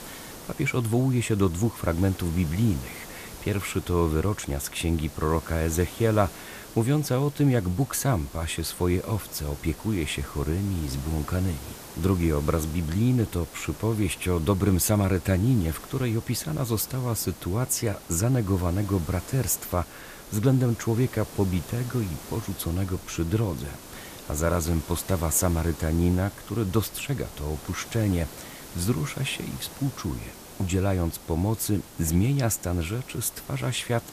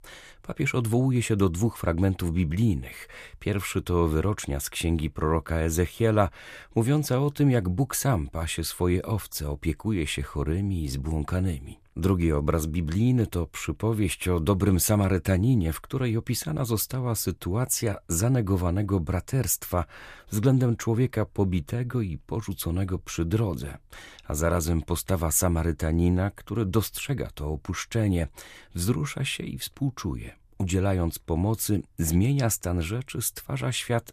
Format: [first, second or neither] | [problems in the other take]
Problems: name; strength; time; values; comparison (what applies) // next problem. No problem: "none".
second | hiss; noticeable; throughout; 15 dB below the speech